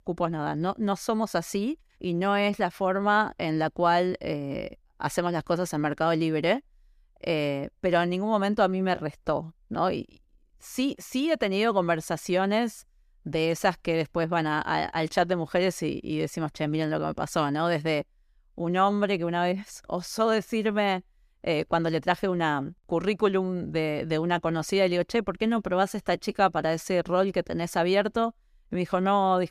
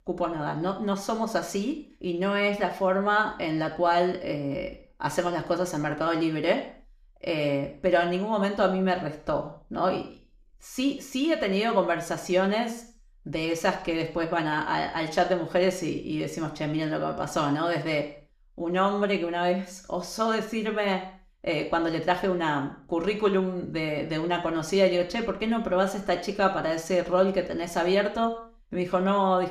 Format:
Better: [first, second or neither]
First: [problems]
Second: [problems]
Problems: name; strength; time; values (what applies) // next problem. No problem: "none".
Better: first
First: none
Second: room echo; slight; dies away in 0.5 s